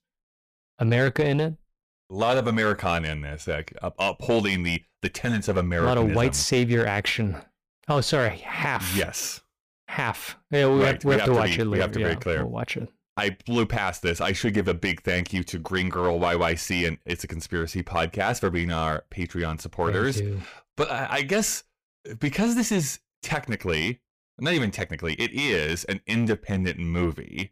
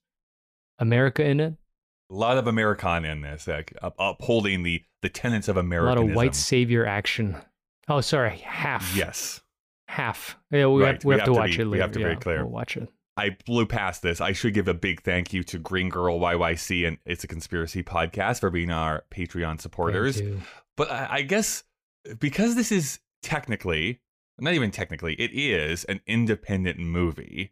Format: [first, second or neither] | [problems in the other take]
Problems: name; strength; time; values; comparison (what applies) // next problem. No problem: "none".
second | distortion; slight; 5% of the sound clipped